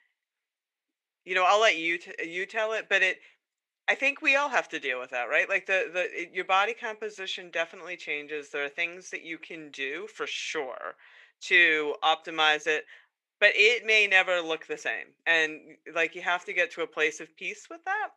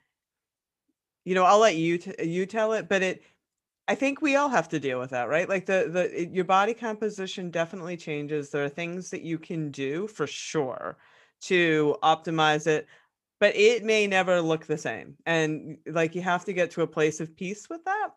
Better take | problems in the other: second | thin; very; fading below 500 Hz

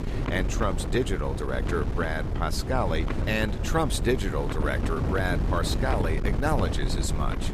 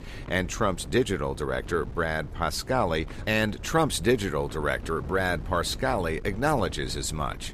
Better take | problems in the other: second | wind noise on the microphone; heavy; 7 dB below the speech; occasional gusts in the second

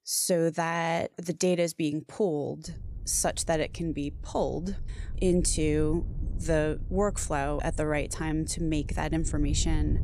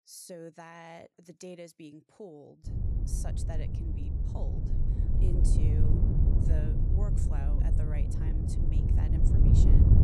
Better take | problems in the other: first | wind noise on the microphone; heavy; from 2.5 s on; 4 dB above the speech; occasional gusts in the first

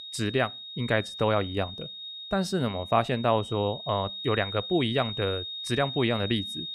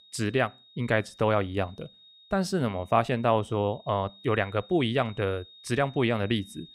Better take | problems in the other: second | high-pitched whine; loud; throughout; 3.5 kHz, 8 dB below the speech; faint in the second

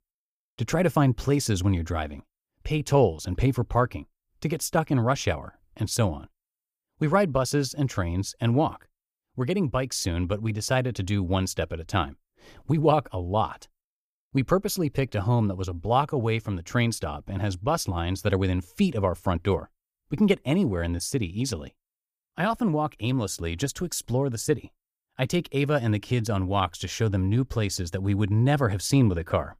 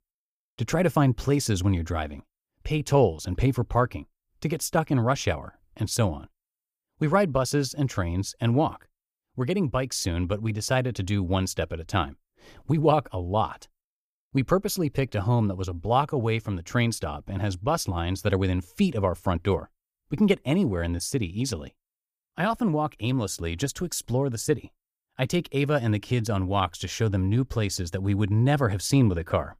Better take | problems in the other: neither | none

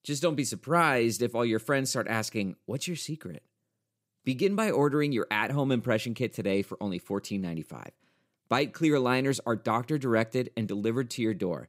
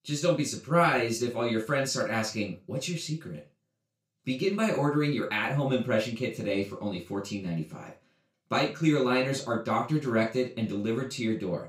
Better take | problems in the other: first | room echo; slight; dies away in 0.3 s // off-mic speech; far

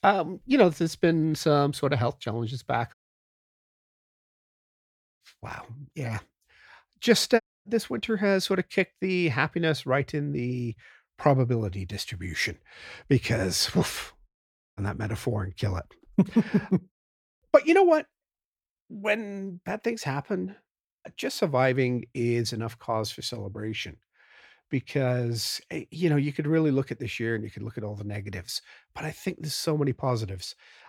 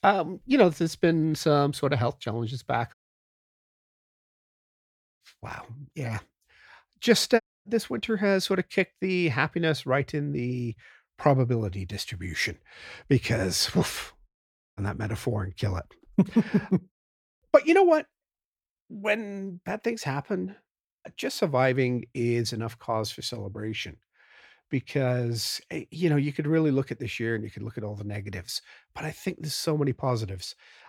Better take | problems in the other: neither | audio cutting out; at 3 s for 2.5 s, at 7.5 s and at 14 s; the same in both

